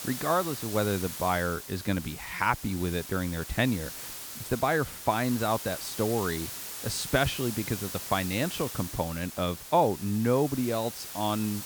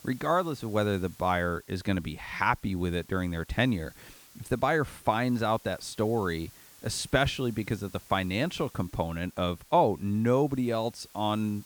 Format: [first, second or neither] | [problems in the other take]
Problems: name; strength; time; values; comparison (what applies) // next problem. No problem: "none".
second | hiss; loud; throughout; 8 dB below the speech; faint in the second